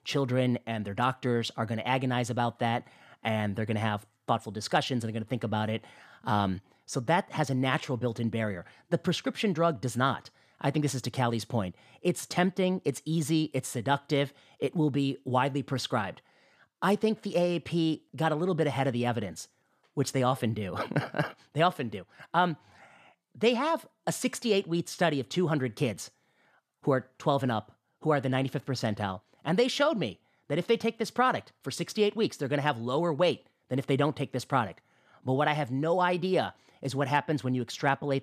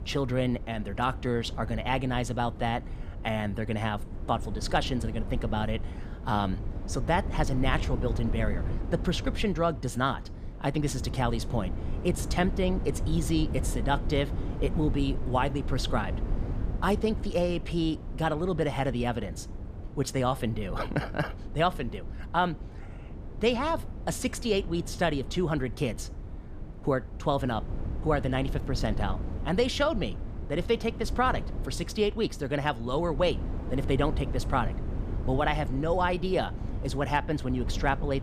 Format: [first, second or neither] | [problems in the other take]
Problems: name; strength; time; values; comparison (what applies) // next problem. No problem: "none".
first | wind noise on the microphone; occasional gusts; 15 dB below the speech